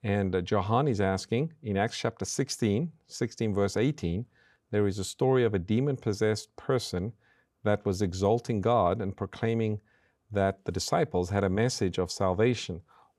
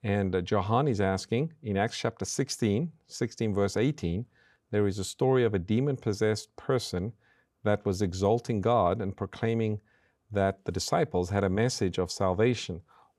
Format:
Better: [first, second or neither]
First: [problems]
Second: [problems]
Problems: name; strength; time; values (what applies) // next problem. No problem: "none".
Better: neither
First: none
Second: none